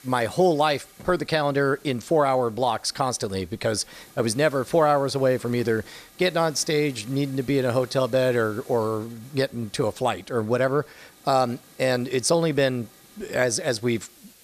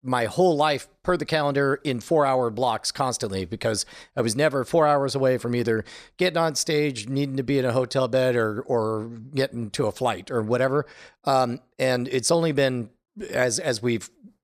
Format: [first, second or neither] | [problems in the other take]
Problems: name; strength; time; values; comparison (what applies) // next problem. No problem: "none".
second | hiss; faint; throughout; 25 dB below the speech